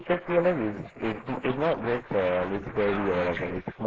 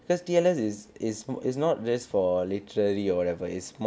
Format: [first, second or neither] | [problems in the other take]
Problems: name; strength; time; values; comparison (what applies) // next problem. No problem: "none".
second | noise reduction (neural mask model Resemble Enhance denoiser)